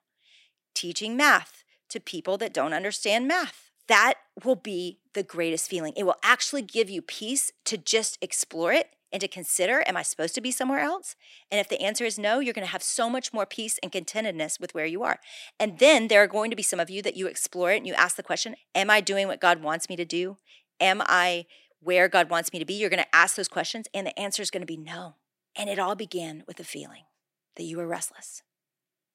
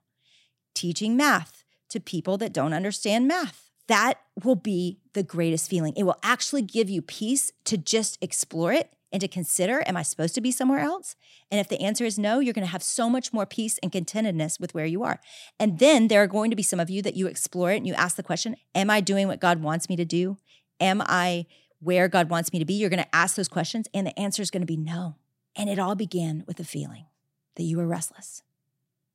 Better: second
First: thin; somewhat; fading below 400 Hz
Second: none

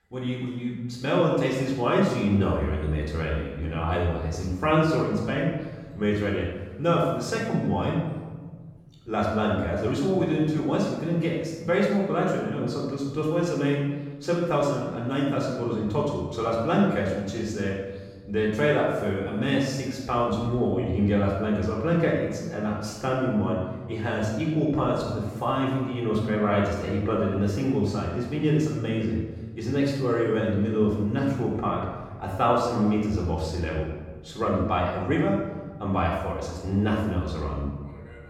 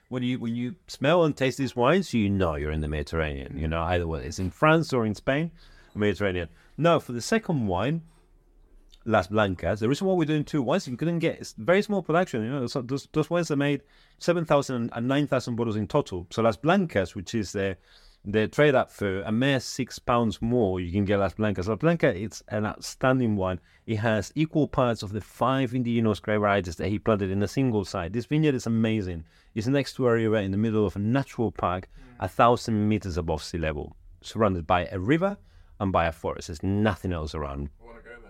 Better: second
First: off-mic speech; far // room echo; noticeable; dies away in 1.2 s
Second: none

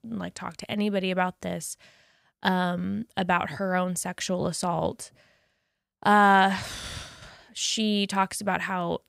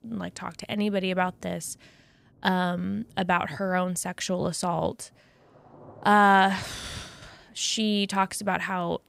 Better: first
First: none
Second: rain or running water; faint; throughout; 30 dB below the speech

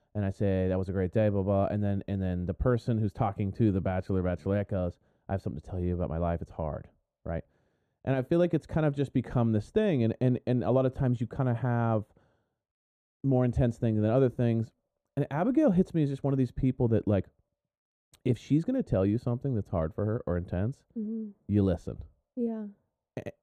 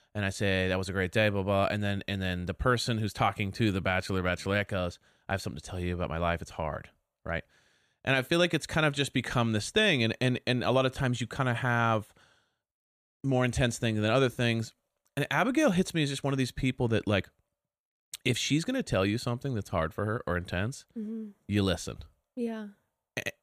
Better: second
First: muffled; very; fading above 1 kHz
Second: none

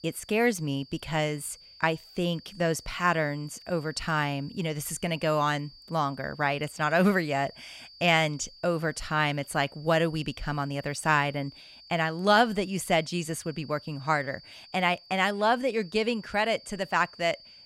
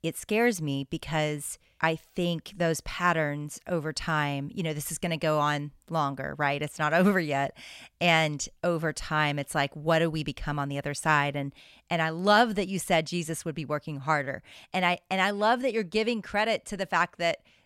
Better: second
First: high-pitched whine; faint; throughout; 4.5 kHz, 20 dB below the speech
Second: none

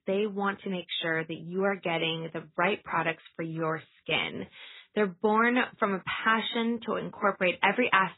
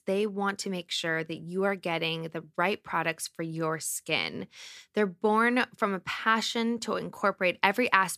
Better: second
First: garbled, watery; badly; nothing above 4 kHz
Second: none

